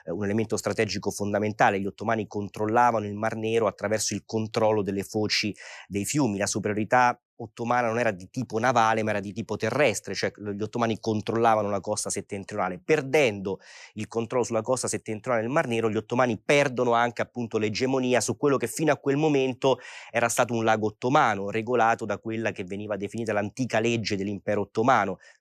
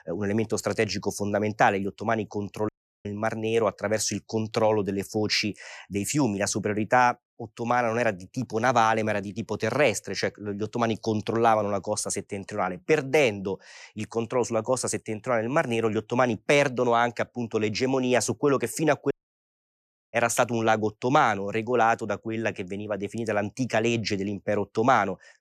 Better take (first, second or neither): first